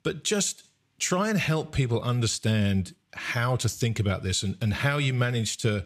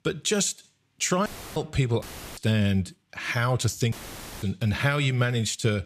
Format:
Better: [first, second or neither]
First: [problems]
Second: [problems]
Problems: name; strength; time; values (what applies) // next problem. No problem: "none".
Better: first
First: none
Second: audio cutting out; filled with static; at 1.5 s, at 2 s and at 4 s for 0.5 s